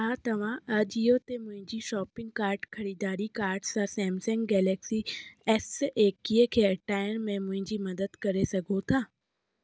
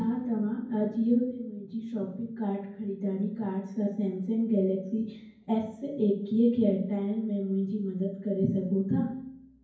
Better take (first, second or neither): first